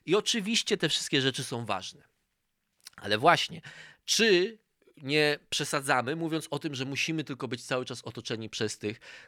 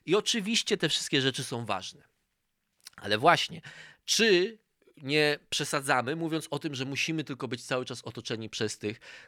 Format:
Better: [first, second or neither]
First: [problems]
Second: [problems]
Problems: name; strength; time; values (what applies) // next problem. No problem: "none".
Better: neither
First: none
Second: none